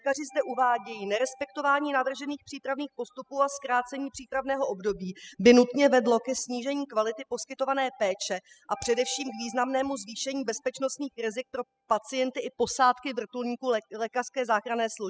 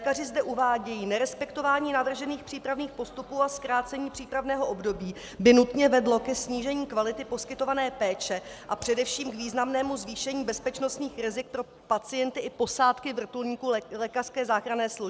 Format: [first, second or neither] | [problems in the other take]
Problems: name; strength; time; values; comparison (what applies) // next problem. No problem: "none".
second | noise reduction (classical method spectral subtraction)